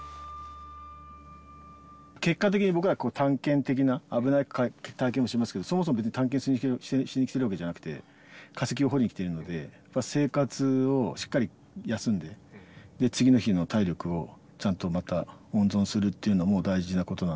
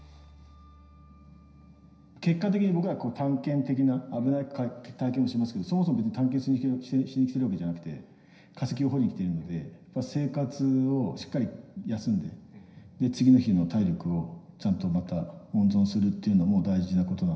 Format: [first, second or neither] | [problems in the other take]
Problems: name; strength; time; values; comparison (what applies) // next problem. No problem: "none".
first | room echo; dies away in 0.9 s